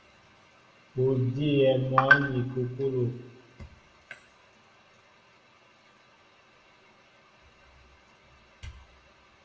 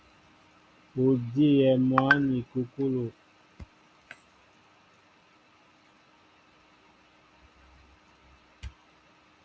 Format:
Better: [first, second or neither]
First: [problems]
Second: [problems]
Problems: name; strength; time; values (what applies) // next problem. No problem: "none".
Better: second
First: room echo; dies away in 0.6 s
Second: none